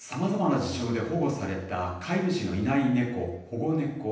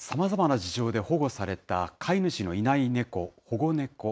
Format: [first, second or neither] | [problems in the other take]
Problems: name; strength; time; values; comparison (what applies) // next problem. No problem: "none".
second | room echo; dies away in 0.9 s